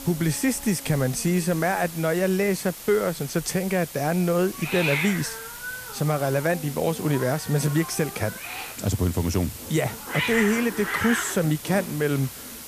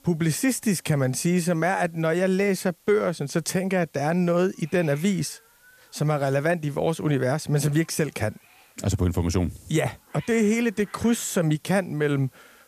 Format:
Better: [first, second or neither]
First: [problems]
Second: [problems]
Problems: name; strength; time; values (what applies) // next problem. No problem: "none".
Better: second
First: hiss; loud; throughout; 7 dB below the speech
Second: hiss; faint; throughout; 30 dB below the speech